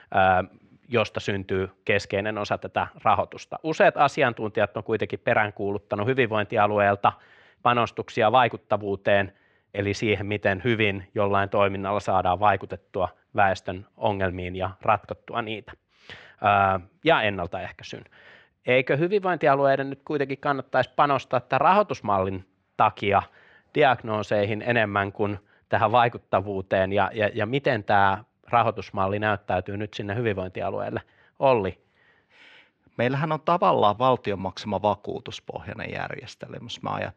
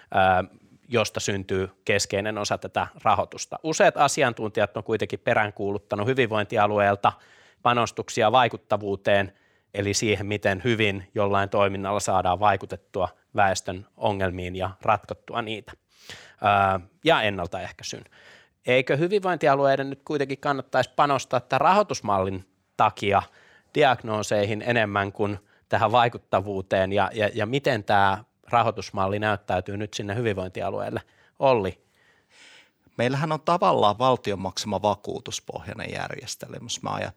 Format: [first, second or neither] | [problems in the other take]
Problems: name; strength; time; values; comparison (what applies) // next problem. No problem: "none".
second | muffled; slightly; fading above 2.5 kHz